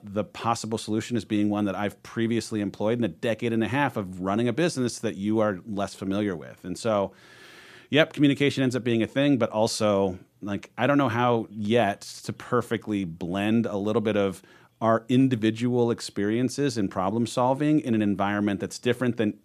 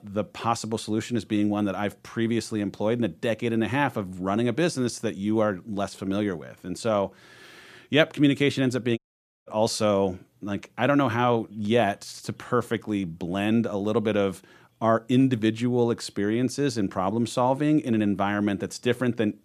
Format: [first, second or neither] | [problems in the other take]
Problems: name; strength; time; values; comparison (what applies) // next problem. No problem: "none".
first | audio cutting out; at 9 s